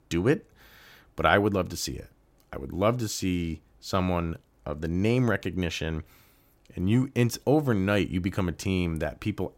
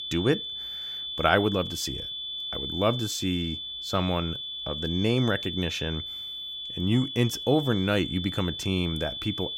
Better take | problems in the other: first | high-pitched whine; loud; throughout; 3.5 kHz, 5 dB below the speech

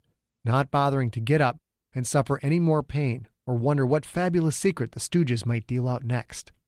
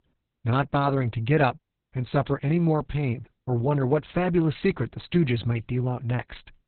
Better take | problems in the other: first | garbled, watery; badly; nothing above 4 kHz; slightly in the first

